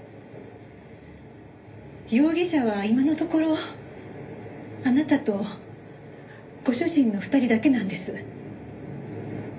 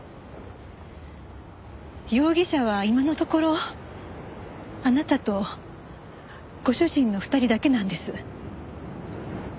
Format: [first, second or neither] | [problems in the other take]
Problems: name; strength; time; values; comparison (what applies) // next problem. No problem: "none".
second | room echo; dies away in 0.3 s